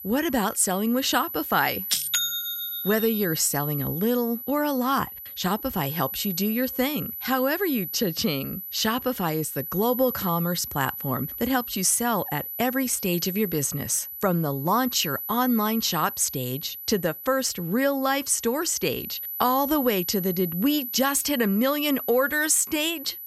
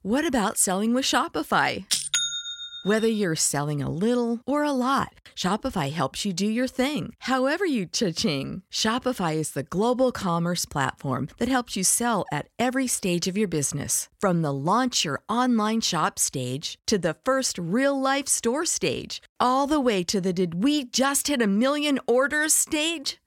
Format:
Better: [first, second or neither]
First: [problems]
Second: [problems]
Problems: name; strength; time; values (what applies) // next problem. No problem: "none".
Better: second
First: high-pitched whine; loud; throughout; 12 kHz, 7 dB below the speech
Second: none